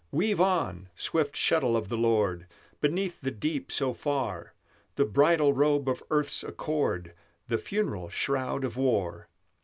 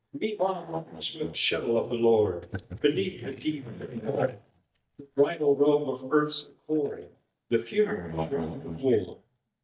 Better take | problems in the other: first | noise reduction (neural mask model DeepFilterNet 3)

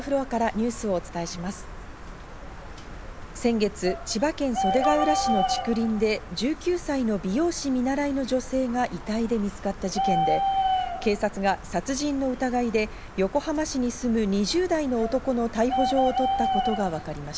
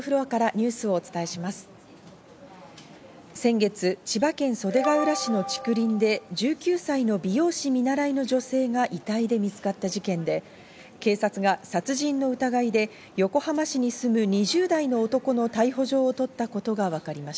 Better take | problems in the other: second | background sound (Bird); 5 dB below the speech

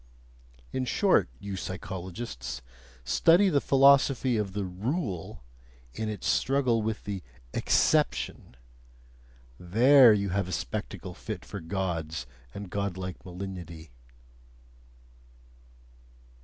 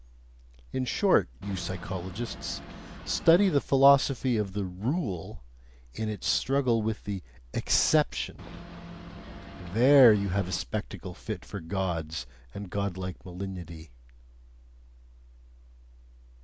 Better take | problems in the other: first | background sound (Boat, Water vehicle); 13 dB below the speech

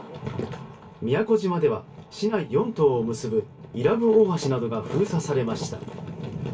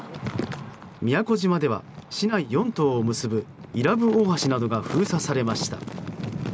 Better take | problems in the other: second | room echo; dies away in 0.2 s

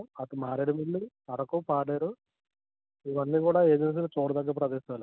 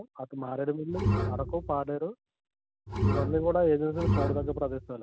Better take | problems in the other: first | background sound (Bowed string instrument); 1 dB above the speech

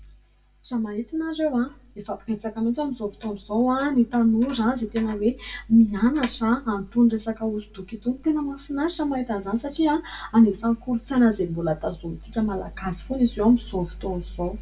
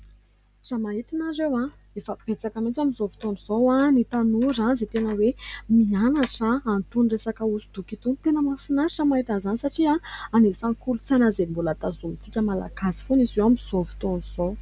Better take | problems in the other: second | room echo; dies away in 0.1 s

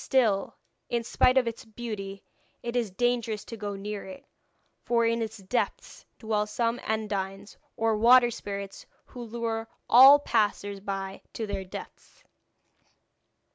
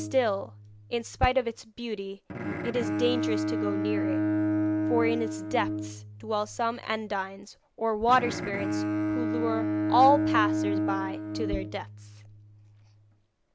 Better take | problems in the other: first | background sound (Bowed string instrument); 1 dB below the speech

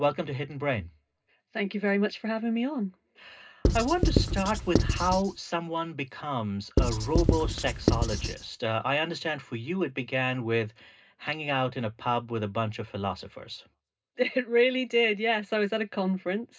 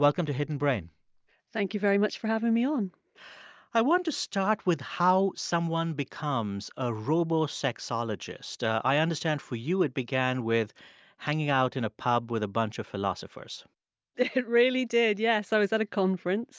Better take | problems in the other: second | background sound (Writing); 3 dB above the speech // room echo; dies away in 0.2 s

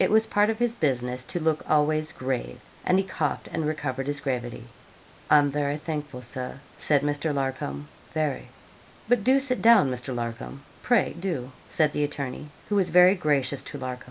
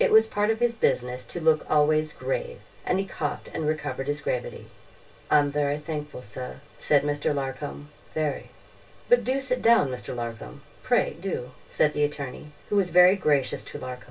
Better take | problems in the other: first | room echo; dies away in 0.1 s

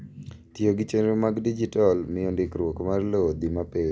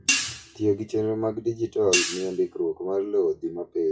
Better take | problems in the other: first | noise reduction (classical method WPE with log-MMSE)

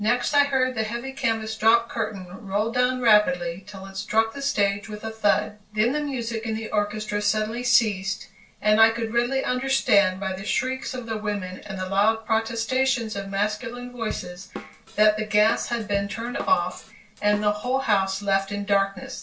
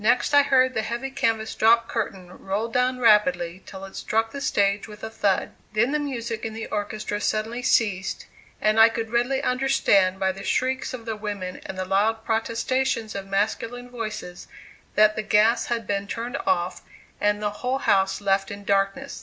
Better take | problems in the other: second | noise reduction (neural separator model SepFormer DNS4)

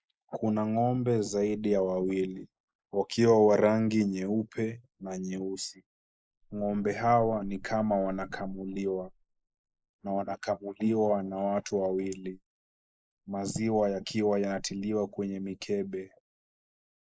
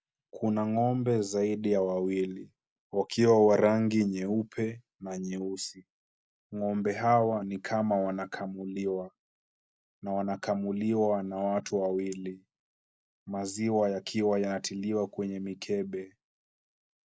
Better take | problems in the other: second | noise reduction (neural mask model Resemble Enhance denoiser)

